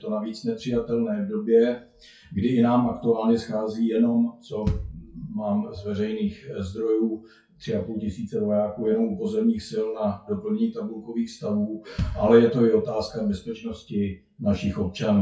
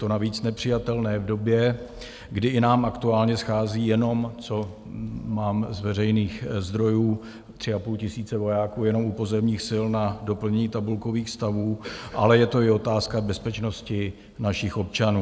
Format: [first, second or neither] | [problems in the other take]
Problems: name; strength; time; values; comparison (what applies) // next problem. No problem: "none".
second | noise reduction (classical method WPE with log-MMSE)